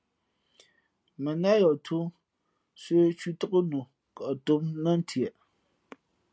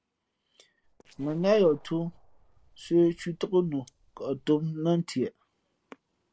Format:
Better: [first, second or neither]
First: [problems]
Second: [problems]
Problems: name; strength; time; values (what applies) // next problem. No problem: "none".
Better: first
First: none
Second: noise reduction (neural separator model SepFormer DNS4)